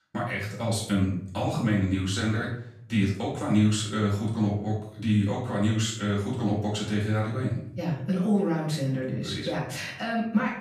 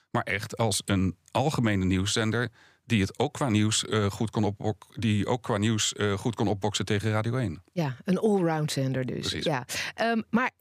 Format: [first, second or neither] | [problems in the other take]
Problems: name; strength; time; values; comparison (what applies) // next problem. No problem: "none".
second | off-mic speech; far // room echo; noticeable; dies away in 0.6 s